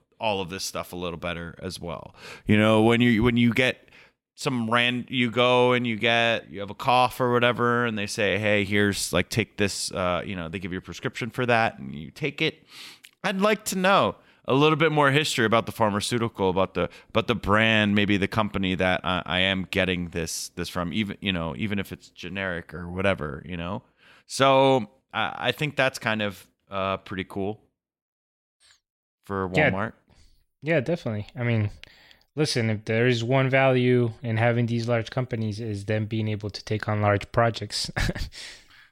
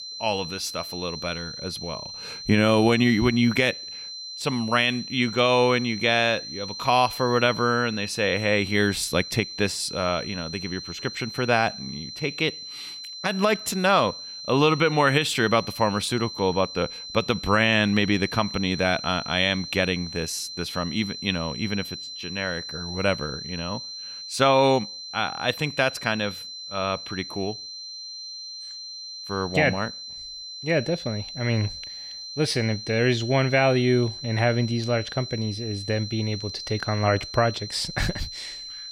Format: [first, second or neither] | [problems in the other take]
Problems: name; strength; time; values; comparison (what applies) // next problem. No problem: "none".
first | high-pitched whine; noticeable; throughout; 4 kHz, 10 dB below the speech